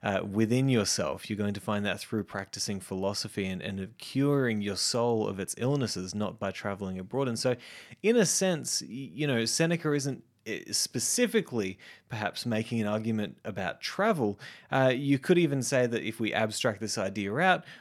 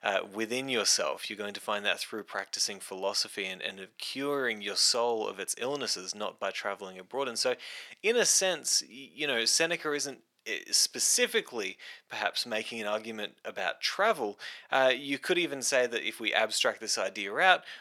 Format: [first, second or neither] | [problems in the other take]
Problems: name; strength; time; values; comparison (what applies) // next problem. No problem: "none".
first | thin; somewhat; fading below 500 Hz